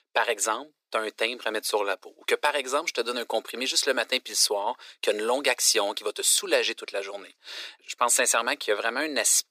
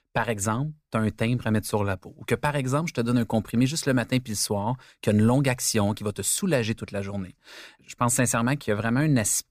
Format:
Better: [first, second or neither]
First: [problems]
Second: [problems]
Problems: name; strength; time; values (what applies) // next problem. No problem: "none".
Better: second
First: thin; very; fading below 350 Hz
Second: none